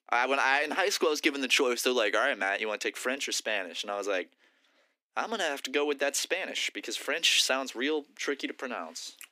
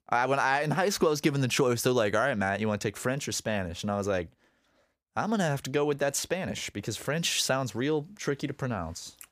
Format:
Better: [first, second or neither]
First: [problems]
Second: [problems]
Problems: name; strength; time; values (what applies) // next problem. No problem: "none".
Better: second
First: thin; somewhat; fading below 250 Hz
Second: none